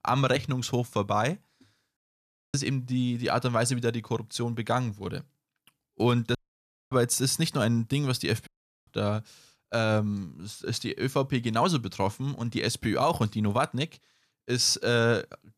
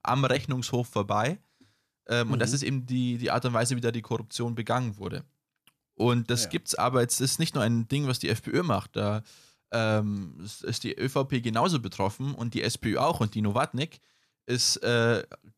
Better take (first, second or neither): second